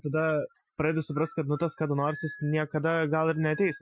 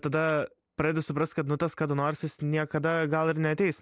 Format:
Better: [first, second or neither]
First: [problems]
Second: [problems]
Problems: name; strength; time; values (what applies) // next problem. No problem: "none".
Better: second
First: noise reduction (classical method Wiener filter)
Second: none